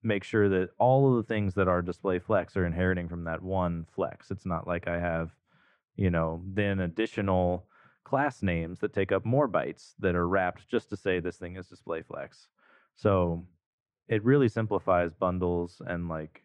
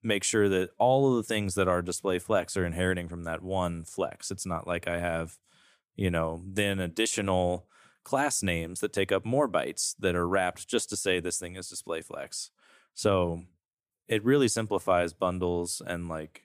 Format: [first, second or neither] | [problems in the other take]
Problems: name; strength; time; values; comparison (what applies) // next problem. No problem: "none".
second | muffled; very; fading above 1.5 kHz